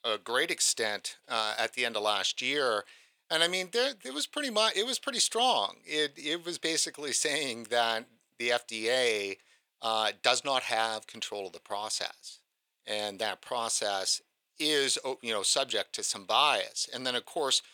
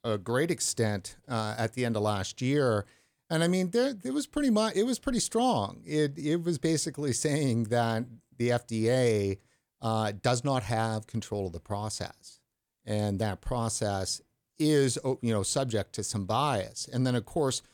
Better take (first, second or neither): second